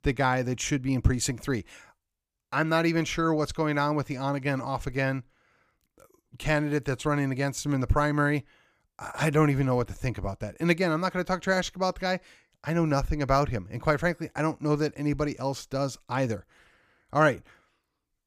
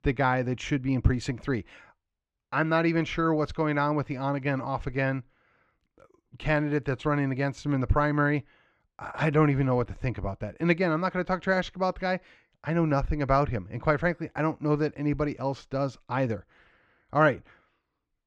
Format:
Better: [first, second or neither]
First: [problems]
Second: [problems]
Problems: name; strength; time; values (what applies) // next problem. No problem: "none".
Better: first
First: none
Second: muffled; slightly; fading above 3 kHz